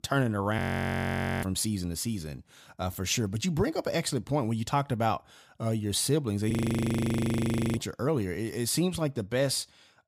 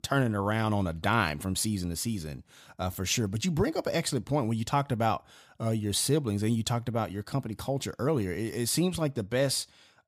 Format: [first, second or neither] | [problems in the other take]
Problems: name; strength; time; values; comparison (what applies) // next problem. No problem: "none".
second | audio freezing; at 0.5 s for 1 s and at 6.5 s for 1.5 s